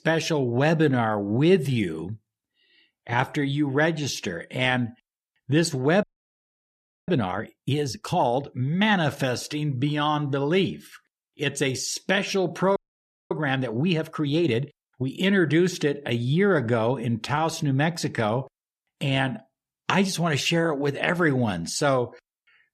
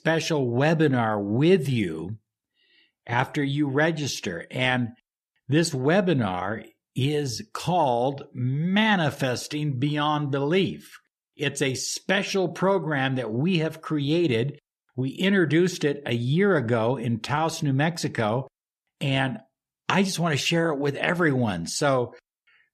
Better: second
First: audio freezing; at 6 s for 1 s and at 13 s for 0.5 s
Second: none

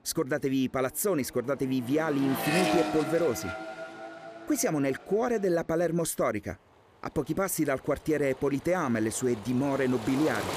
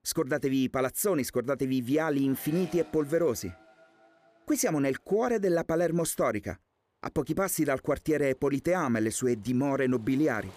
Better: second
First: traffic noise; loud; throughout; 7 dB below the speech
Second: traffic noise; faint; throughout; 25 dB below the speech

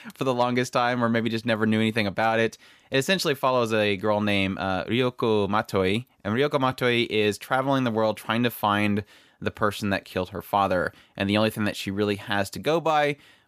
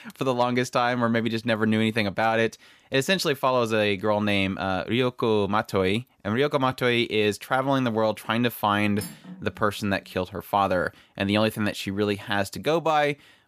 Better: first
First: none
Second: clattering dishes; faint; at 9 s; peak 15 dB below the speech

